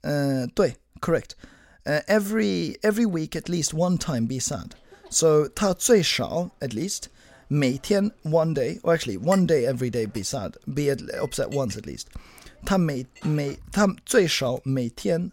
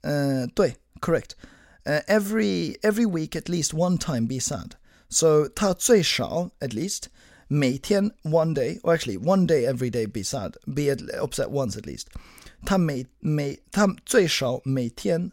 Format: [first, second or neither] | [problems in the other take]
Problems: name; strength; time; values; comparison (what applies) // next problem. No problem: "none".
second | household noises; faint; from 4 s on; 20 dB below the speech